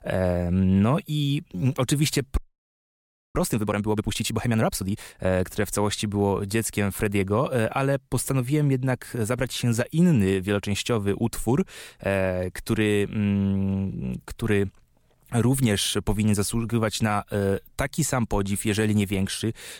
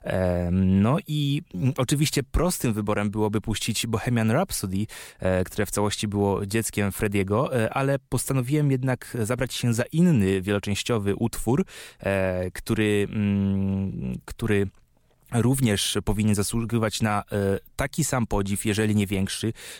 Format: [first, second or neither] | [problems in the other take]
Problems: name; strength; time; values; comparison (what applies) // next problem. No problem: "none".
second | audio freezing; at 2.5 s for 1 s